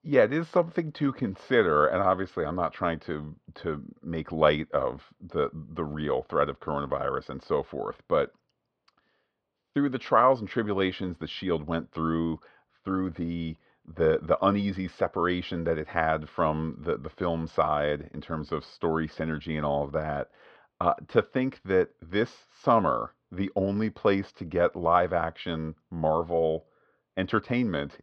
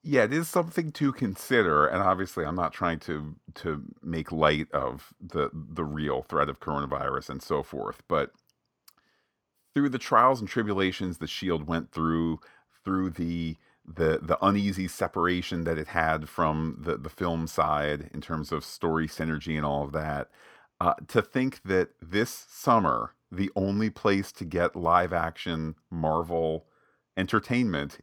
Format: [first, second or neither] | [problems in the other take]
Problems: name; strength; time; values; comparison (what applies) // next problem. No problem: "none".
second | muffled; slightly; fading above 4 kHz